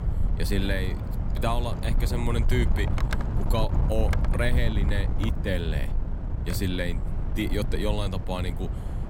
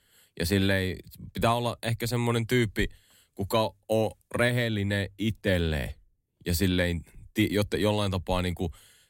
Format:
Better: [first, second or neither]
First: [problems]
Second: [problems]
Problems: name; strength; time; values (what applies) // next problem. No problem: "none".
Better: second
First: wind noise on the microphone; heavy; 7 dB below the speech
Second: none